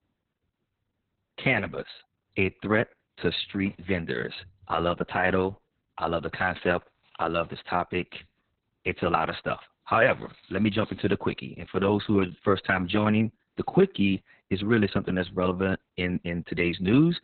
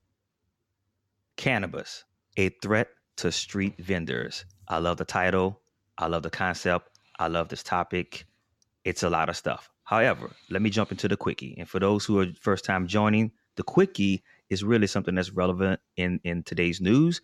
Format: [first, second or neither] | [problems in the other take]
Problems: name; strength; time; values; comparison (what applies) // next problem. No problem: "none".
second | garbled, watery; badly; nothing above 4 kHz